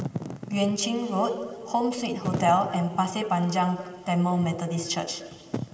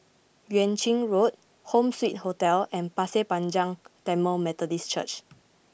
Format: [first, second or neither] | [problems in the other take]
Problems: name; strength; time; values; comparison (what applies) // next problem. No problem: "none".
second | background sound (Wind / Fire); 11 dB below the speech // room echo; dies away in 2 s